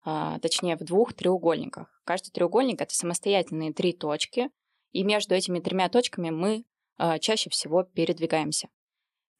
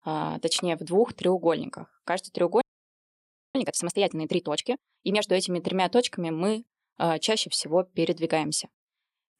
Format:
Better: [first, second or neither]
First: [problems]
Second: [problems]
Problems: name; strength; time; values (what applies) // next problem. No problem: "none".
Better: first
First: none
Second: audio freezing; at 2.5 s for 1 s